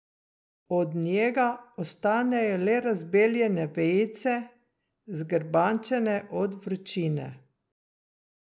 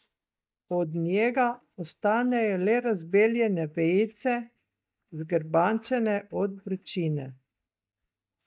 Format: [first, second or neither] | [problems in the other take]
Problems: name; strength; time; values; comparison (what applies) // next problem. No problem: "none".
first | noise reduction (neural mask model DeepFilterNet 3)